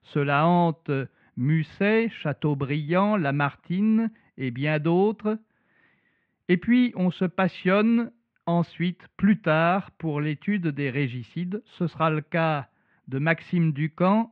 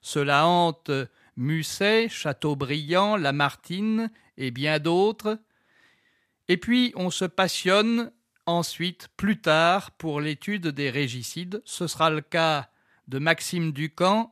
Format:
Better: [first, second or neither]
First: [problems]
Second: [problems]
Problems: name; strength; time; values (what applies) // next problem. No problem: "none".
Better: second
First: muffled; very; fading above 2.5 kHz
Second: none